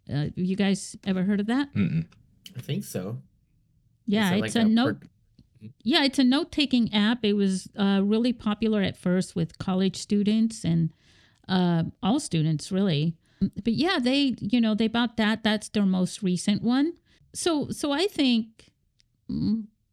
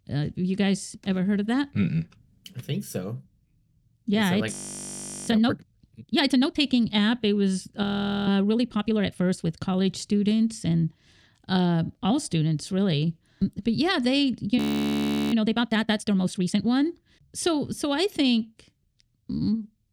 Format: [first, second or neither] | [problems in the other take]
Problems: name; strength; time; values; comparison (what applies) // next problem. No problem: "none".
first | audio freezing; at 4.5 s for 1 s, at 8 s and at 15 s for 1 s